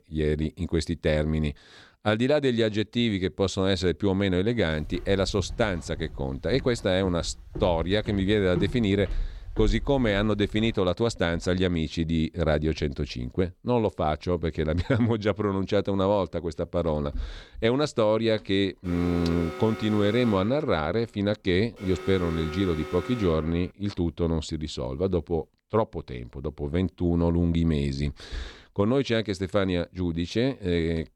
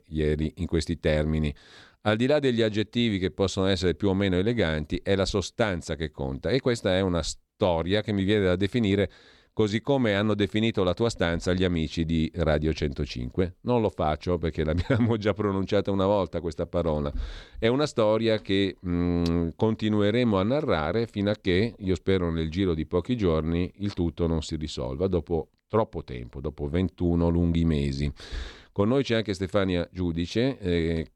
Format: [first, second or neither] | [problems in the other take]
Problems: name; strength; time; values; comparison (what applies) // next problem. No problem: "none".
second | footsteps; noticeable; from 5 to 11 s; peak 7 dB below the speech // alarm; noticeable; from 19 to 24 s; peak 9 dB below the speech